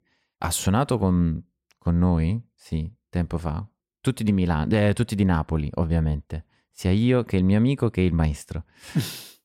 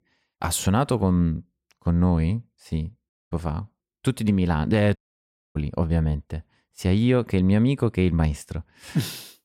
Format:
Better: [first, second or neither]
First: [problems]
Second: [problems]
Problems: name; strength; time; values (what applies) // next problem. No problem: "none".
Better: first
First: none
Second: audio cutting out; at 3 s and at 5 s for 0.5 s